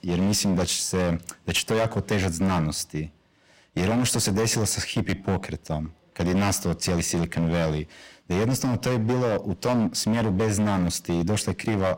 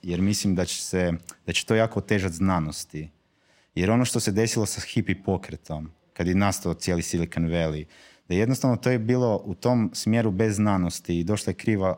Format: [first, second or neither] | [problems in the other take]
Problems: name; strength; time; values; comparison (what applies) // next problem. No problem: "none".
second | distortion; heavy; 15% of the sound clipped